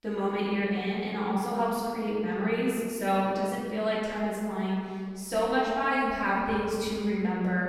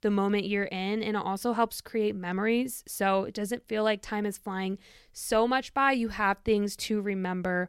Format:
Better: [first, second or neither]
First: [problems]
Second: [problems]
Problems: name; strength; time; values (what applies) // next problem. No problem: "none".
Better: second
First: off-mic speech; far // room echo; strong; dies away in 1.9 s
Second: none